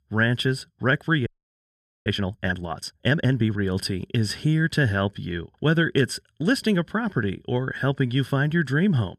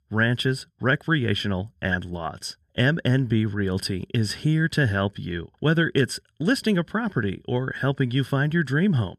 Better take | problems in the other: second | audio freezing; at 1.5 s for 1 s

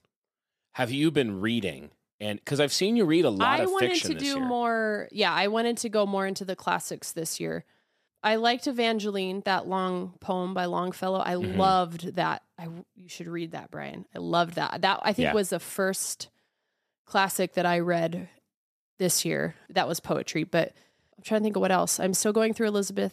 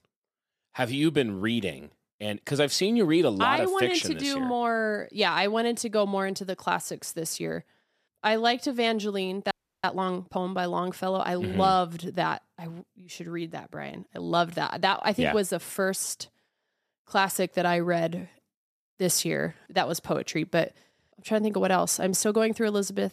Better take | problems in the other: first | audio freezing; at 9.5 s

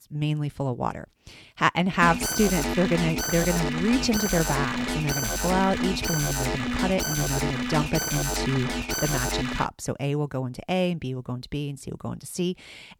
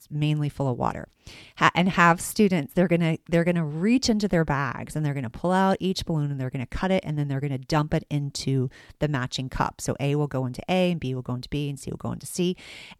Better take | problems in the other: second | alarm; loud; from 2 to 9.5 s; peak 1 dB above the speech

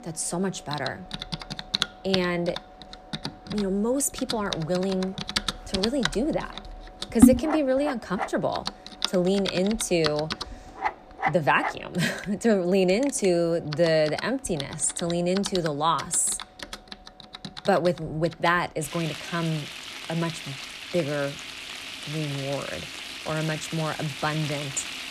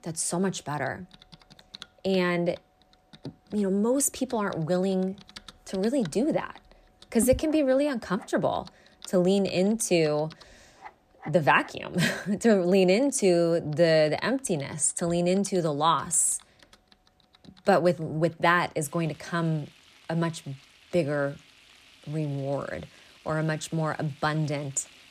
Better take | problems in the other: second | household noises; loud; throughout; 5 dB below the speech; faint in the second

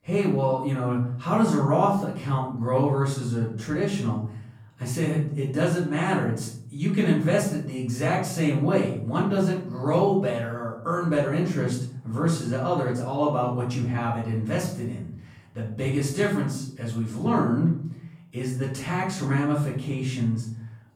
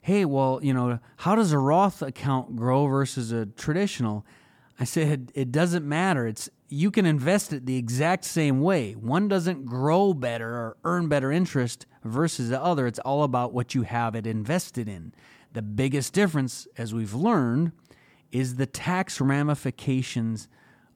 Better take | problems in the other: second | off-mic speech; far // room echo; noticeable; dies away in 0.6 s

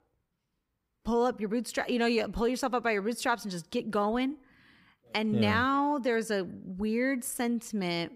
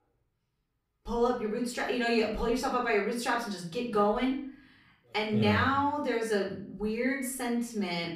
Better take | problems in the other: first | off-mic speech; far // room echo; slight; dies away in 0.4 s

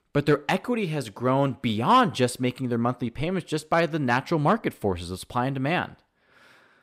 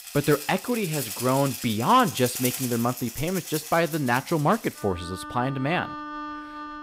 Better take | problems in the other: first | background music; loud; throughout; 9 dB below the speech

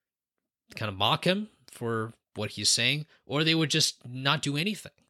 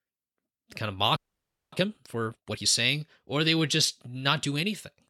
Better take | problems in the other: first | audio freezing; at 1 s for 0.5 s

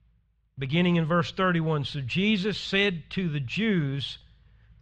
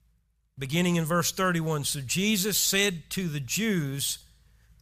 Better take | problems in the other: second | muffled; very; fading above 3.5 kHz

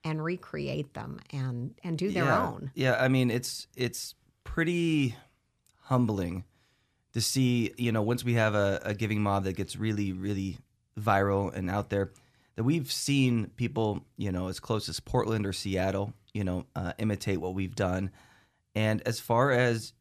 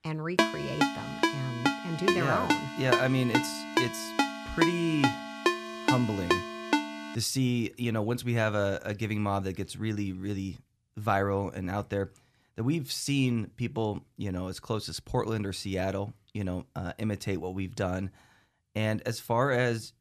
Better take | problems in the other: first | phone ringing; loud; until 7 s; peak 4 dB above the speech

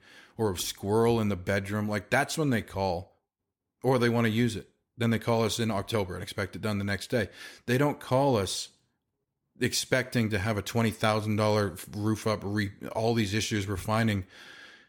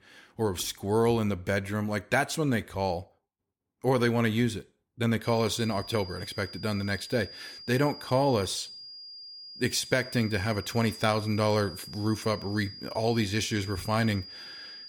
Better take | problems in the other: first | high-pitched whine; noticeable; from 5.5 s on; 5 kHz, 15 dB below the speech

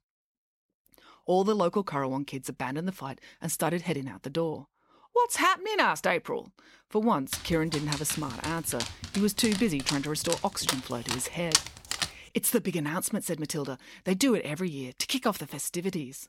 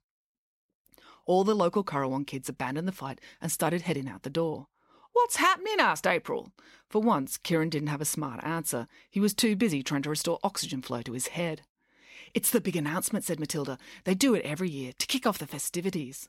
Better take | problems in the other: second | dog barking; loud; from 7.5 to 12 s; peak 3 dB above the speech

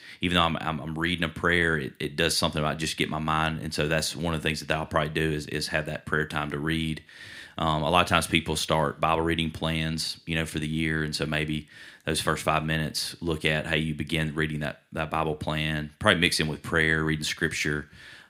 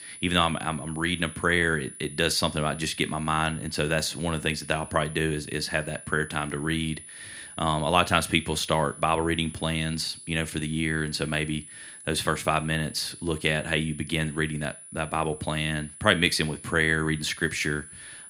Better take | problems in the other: first | high-pitched whine; noticeable; throughout; 10 kHz, 15 dB below the speech

